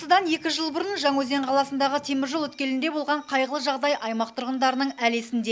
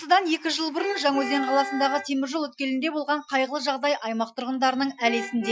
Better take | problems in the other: first | noise reduction (classical method Wiener filter)

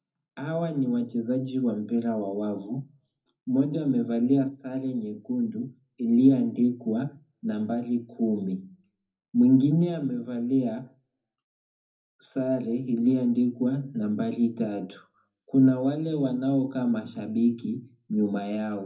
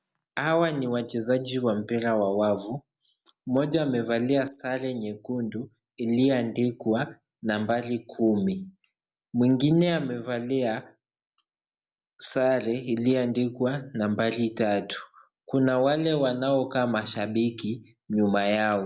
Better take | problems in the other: second | room echo; dies away in 0.3 s

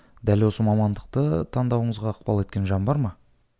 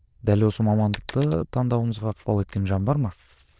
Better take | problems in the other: first | noise reduction (neural diffusion model UNIVERSE++)

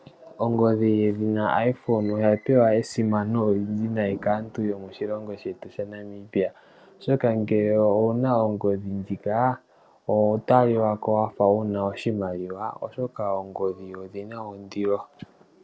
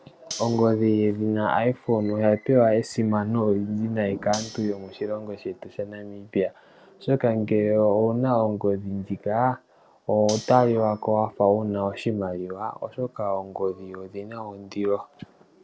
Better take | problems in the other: first | background sound (Cutlery, silverware); 17 dB below the speech

